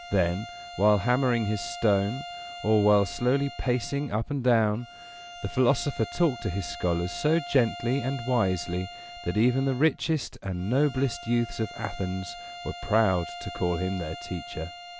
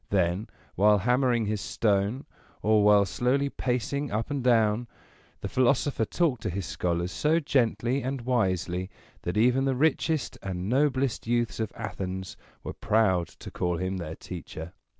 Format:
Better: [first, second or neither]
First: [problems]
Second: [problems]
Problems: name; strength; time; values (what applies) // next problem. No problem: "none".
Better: second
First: background sound (Bowed string instrument); 14 dB below the speech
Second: none